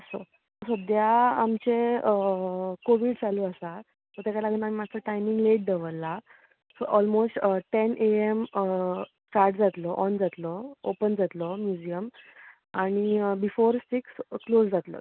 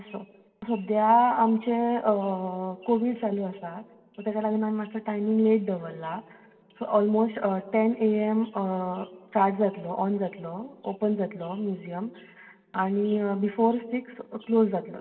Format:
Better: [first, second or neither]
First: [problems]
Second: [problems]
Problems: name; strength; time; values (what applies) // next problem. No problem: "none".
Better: first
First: none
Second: room echo; dies away in 2.3 s